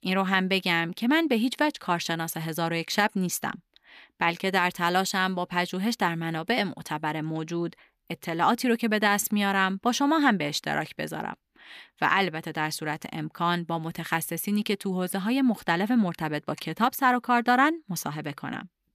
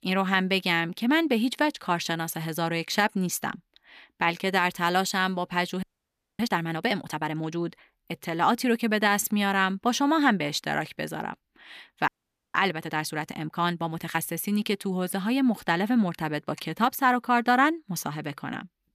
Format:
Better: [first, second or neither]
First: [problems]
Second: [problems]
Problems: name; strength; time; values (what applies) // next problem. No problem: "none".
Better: first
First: none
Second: audio freezing; at 6 s for 0.5 s and at 12 s